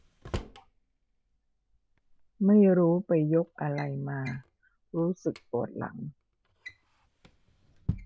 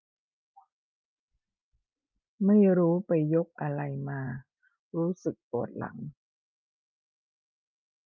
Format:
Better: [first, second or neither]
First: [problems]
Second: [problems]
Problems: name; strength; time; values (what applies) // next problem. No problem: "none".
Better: second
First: background sound (Drawer open or close); 15 dB below the speech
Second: none